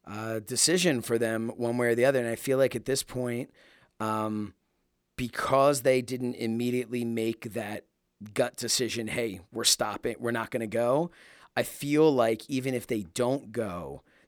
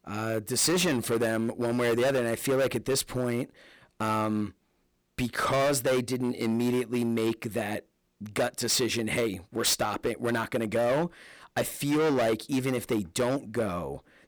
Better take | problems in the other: first | distortion; heavy; 13% of the sound clipped

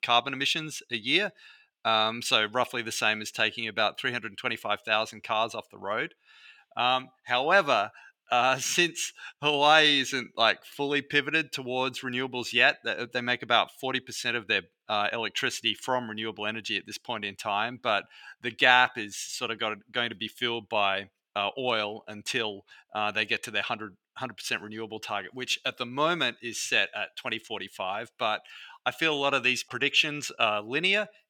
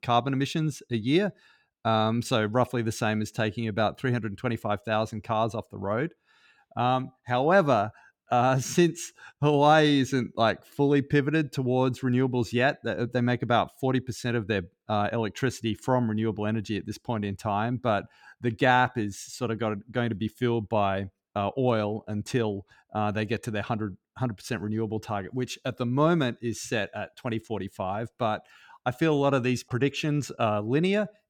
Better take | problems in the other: second | thin; somewhat; fading below 1 kHz

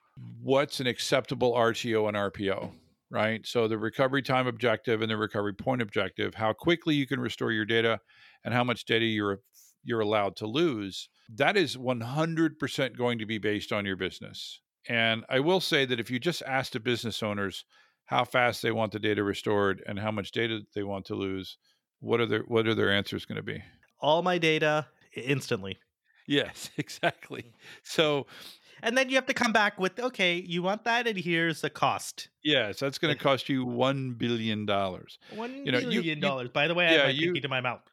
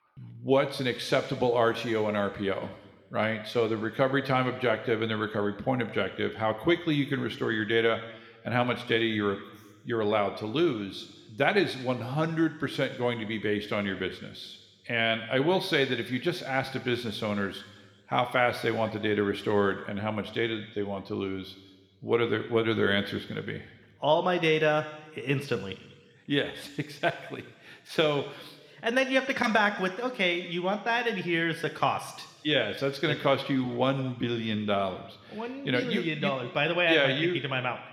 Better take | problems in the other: first | room echo; very slight; dies away in 1.4 s

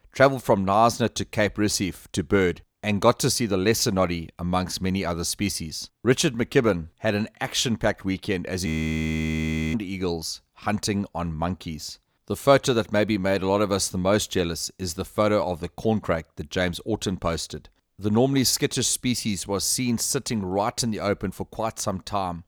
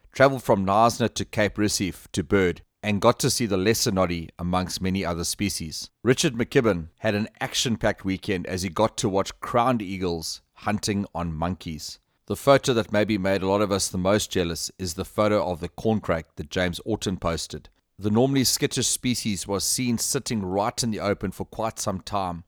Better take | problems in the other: second | audio freezing; at 8.5 s for 1 s

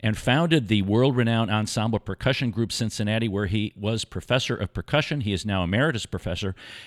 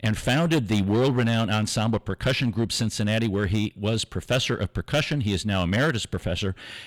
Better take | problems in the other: first | distortion; slight; 7% of the sound clipped

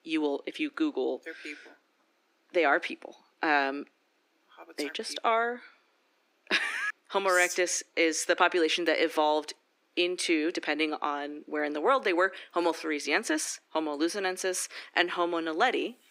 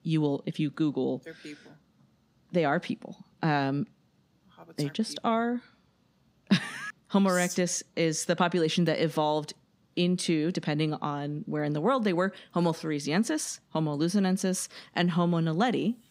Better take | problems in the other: second | thin; very; fading below 300 Hz

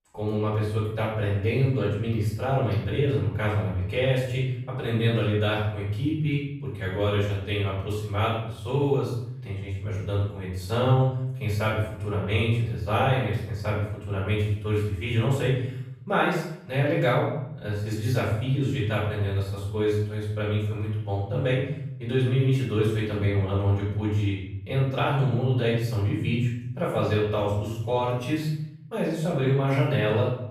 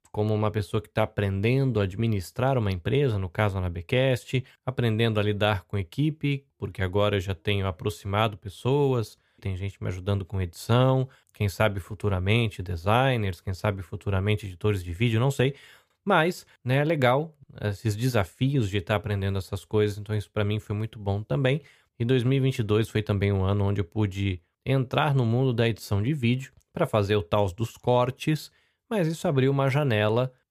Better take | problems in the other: second | off-mic speech; far // room echo; noticeable; dies away in 0.7 s

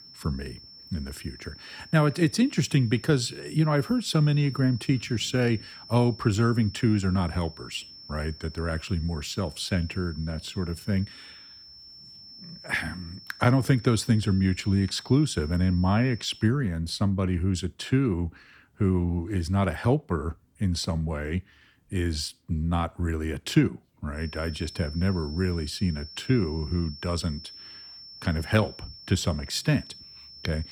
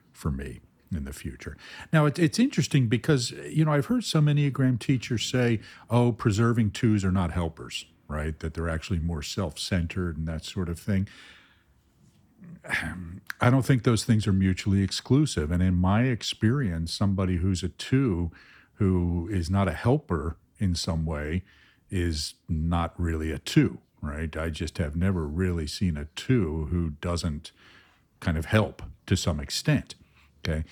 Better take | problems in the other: second | high-pitched whine; noticeable; until 16 s and from 24 s on; 5.5 kHz, 15 dB below the speech

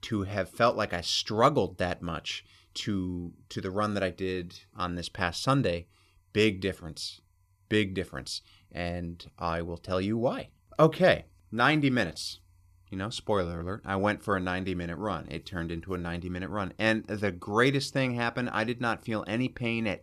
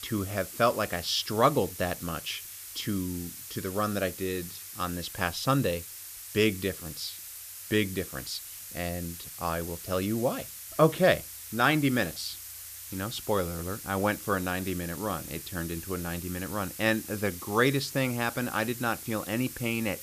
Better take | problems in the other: first | hiss; loud; throughout; 10 dB below the speech

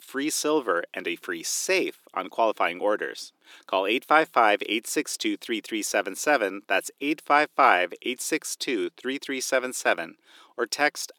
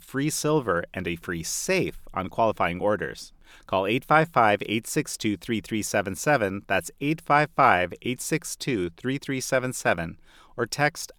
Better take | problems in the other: second | thin; very slightly; fading below 300 Hz

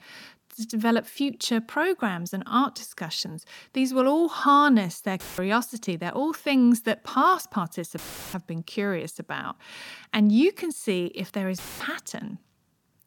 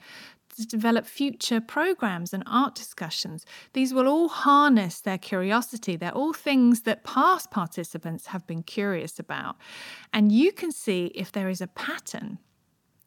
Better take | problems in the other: second | audio cutting out; filled with static; at 5 s, at 8 s and at 12 s

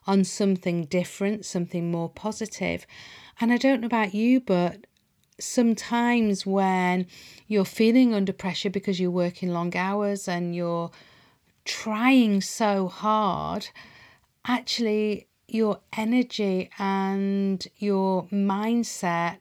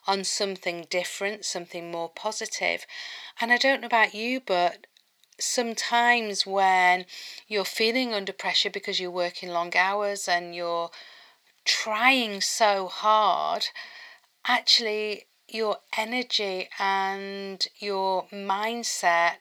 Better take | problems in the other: first | thin; very; fading below 600 Hz

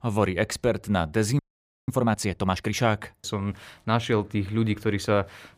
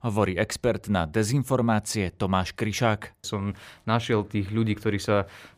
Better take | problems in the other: second | audio freezing; at 1.5 s

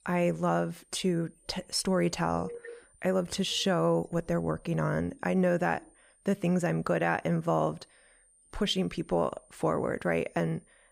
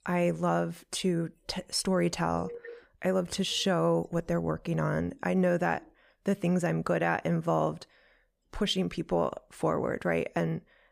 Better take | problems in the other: second | high-pitched whine; faint; throughout; 9 kHz, 30 dB below the speech

